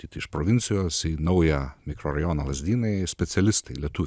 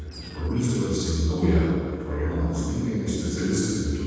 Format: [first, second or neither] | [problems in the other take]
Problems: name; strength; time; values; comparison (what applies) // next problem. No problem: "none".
first | noise reduction (neural separator model SepFormer DNS4)